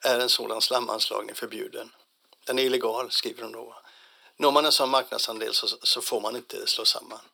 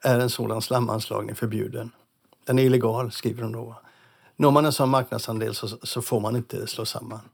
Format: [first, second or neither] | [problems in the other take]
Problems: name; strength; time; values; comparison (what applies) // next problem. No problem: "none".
second | thin; somewhat; fading below 400 Hz